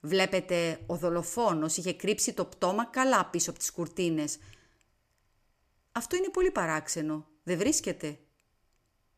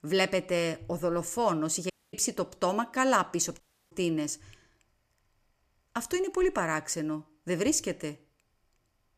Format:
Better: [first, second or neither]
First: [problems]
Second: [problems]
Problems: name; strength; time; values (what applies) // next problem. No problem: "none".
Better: first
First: none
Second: audio cutting out; at 2 s and at 3.5 s